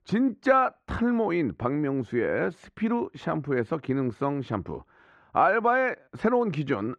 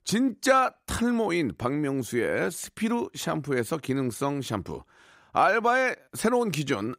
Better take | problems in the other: second | muffled; very; fading above 2 kHz

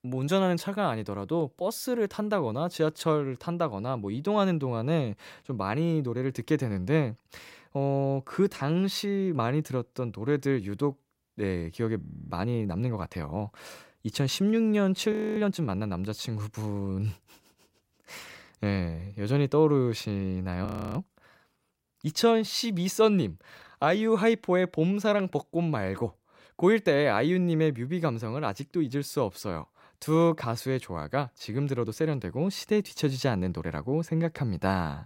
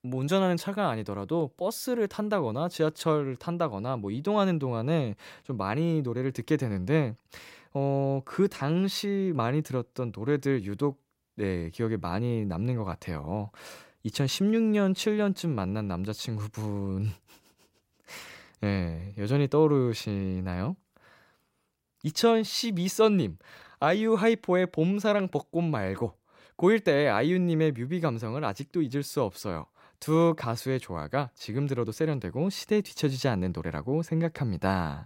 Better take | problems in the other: second | audio freezing; at 12 s, at 15 s and at 21 s

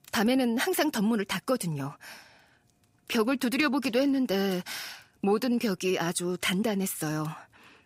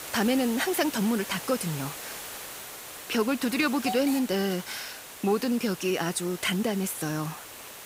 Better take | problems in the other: first | hiss; noticeable; throughout; 10 dB below the speech

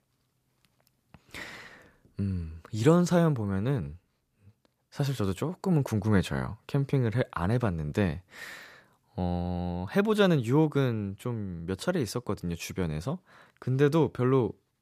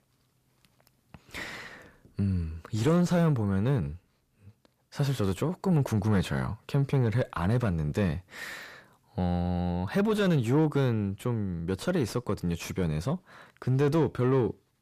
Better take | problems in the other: first | distortion; slight; 10 dB below the speech

